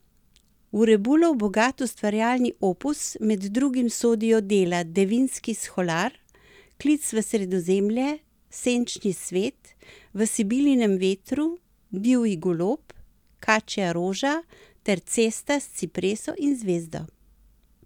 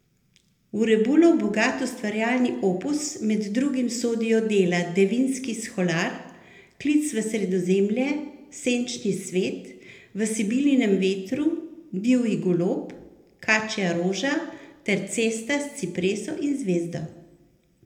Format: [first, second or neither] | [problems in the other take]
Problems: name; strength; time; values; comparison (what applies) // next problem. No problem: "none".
first | room echo; dies away in 0.7 s